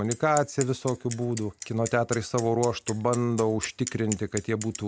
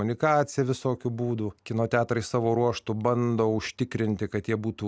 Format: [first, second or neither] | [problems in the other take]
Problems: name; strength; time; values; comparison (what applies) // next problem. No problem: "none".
second | background sound (Bicycle); 13 dB below the speech